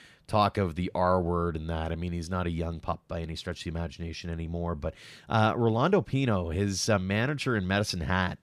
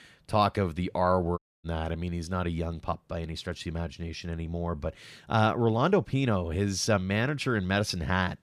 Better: first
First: none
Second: audio cutting out; at 1.5 s

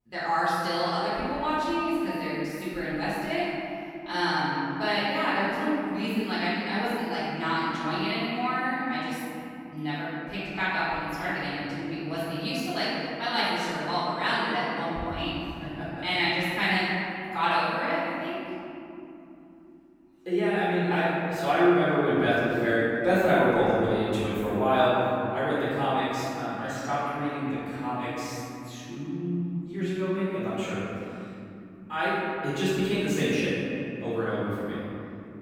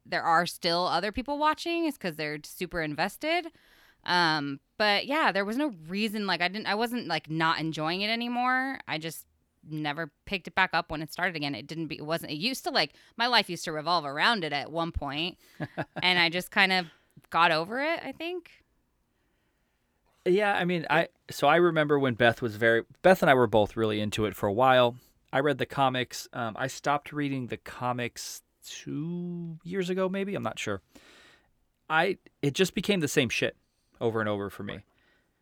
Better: second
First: room echo; strong; dies away in 2.9 s // off-mic speech; far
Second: none

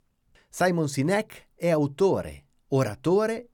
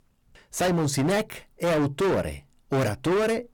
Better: first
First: none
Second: distortion; heavy; 21% of the sound clipped

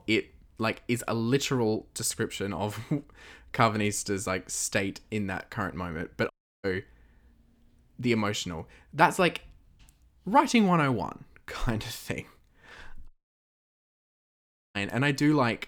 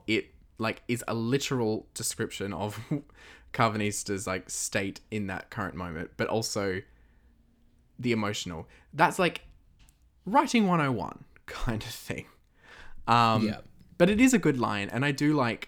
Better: second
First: audio cutting out; at 6.5 s and at 13 s for 1.5 s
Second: none

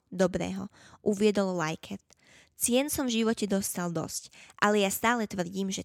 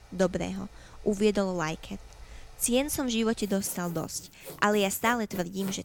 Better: first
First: none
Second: machinery noise; noticeable; throughout; 20 dB below the speech

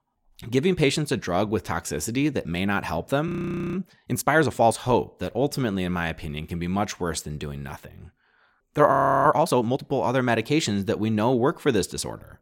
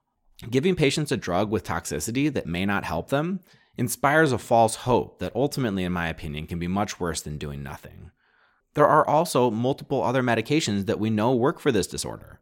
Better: second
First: audio freezing; at 3.5 s and at 9 s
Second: none

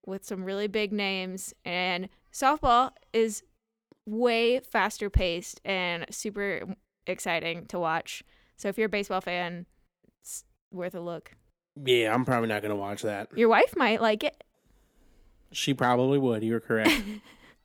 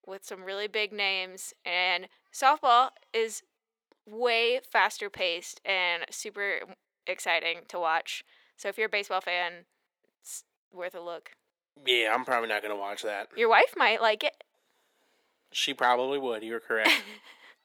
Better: first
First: none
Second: thin; very; fading below 550 Hz

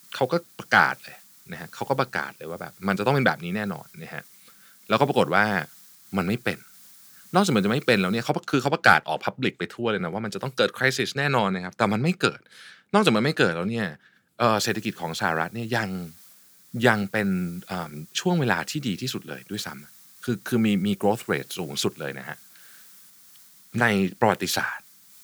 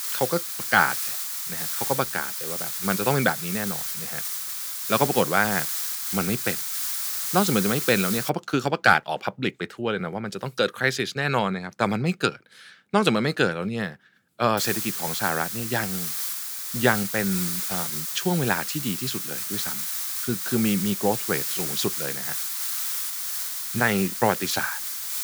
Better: first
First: hiss; faint; until 8.5 s and from 15 s on; 25 dB below the speech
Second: hiss; loud; until 8.5 s and from 15 s on; 2 dB below the speech

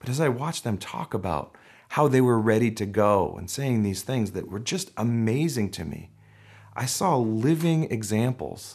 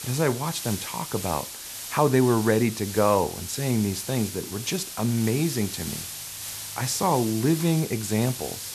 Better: first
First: none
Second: hiss; loud; throughout; 8 dB below the speech

